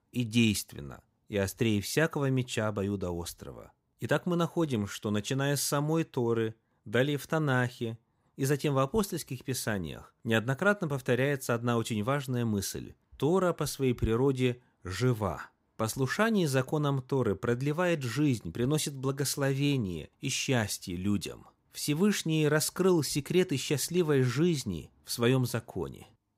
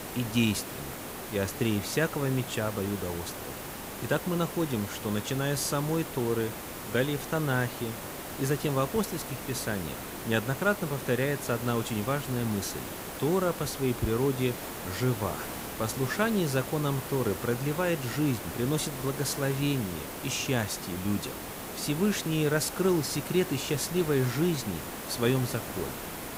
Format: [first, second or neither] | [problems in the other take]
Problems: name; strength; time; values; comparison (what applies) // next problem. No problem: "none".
first | hiss; loud; throughout; 7 dB below the speech